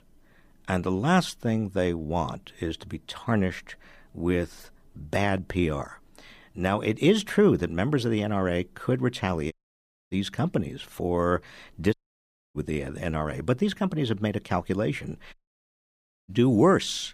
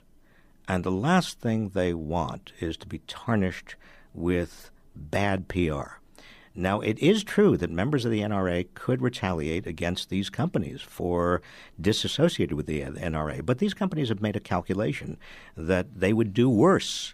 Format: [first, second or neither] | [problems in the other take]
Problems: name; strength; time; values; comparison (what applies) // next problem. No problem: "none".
second | audio cutting out; at 9.5 s for 0.5 s, at 12 s for 0.5 s and at 15 s for 1 s